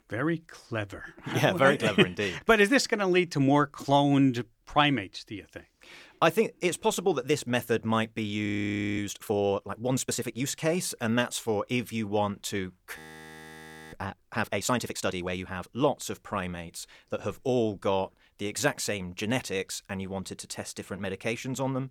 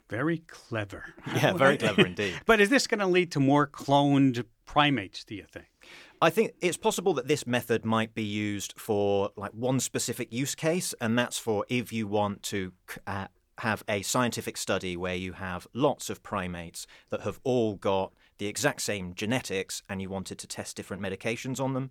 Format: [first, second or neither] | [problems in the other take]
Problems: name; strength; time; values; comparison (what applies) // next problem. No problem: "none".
second | audio freezing; at 8.5 s for 0.5 s and at 13 s for 1 s